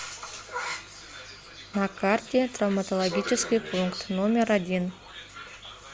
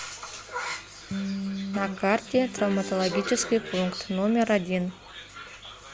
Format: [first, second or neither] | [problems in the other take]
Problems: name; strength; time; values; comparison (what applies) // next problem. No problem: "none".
first | background sound (Electric guitar); 7 dB below the speech